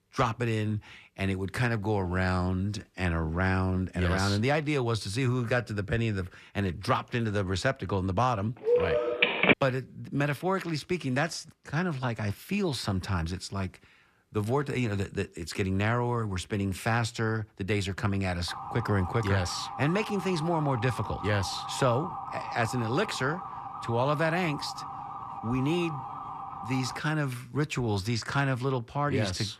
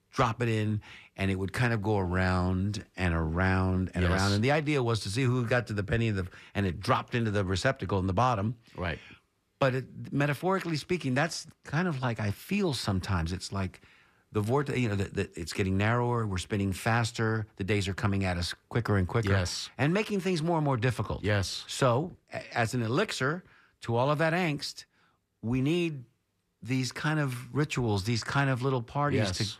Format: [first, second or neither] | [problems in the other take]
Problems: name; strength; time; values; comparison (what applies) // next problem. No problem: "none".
second | phone ringing; loud; at 8.5 s; peak 7 dB above the speech // siren; noticeable; from 18 to 27 s; peak 7 dB below the speech